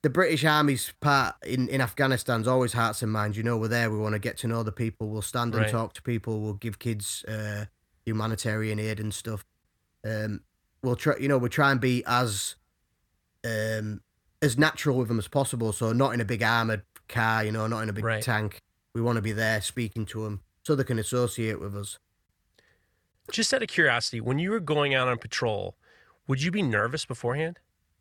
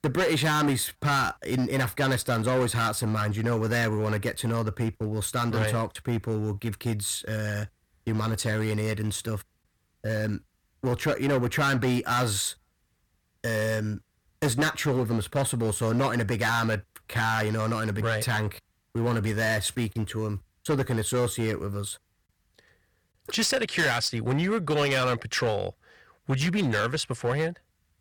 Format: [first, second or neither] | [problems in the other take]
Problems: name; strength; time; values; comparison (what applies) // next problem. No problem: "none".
first | distortion; heavy; 10% of the sound clipped